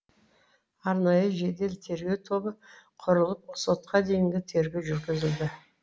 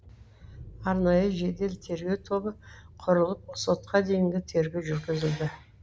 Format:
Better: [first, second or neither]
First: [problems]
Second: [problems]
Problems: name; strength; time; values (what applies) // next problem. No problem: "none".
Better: first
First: none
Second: background sound (Engine / Car); 19 dB below the speech